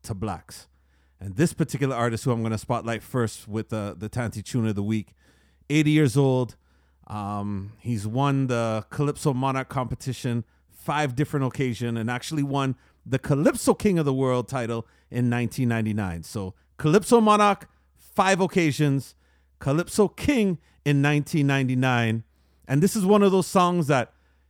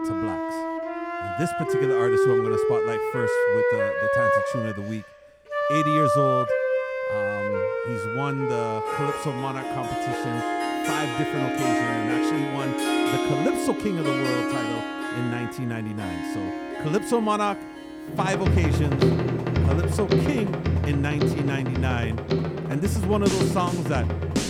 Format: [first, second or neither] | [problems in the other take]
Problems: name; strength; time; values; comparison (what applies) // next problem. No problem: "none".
first | background music; very loud; throughout; 4 dB above the speech